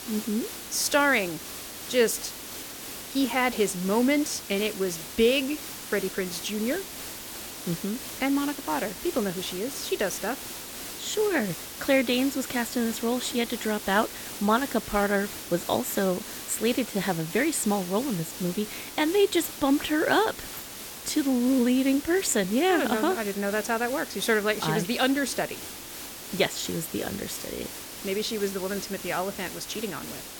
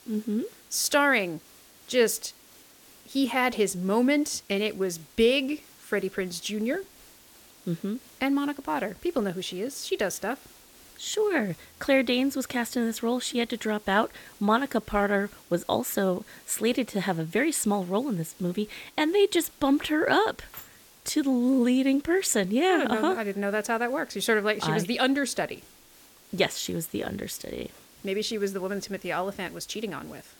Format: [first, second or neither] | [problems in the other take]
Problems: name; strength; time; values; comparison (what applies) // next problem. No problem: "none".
second | hiss; loud; throughout; 9 dB below the speech; faint in the second